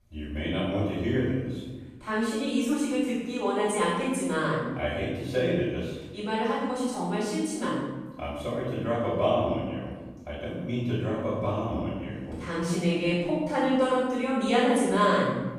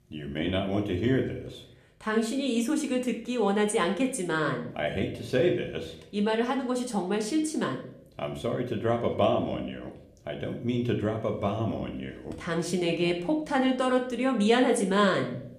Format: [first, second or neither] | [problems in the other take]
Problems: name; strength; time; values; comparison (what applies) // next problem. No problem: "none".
second | room echo; strong; dies away in 1.1 s; slight in the second // off-mic speech; far